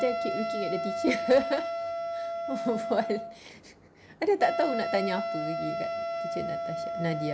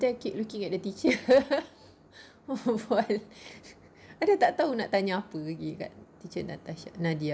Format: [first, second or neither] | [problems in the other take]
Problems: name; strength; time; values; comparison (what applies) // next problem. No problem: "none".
second | background sound (Wind instrument, woodwind instrument); 2 dB below the speech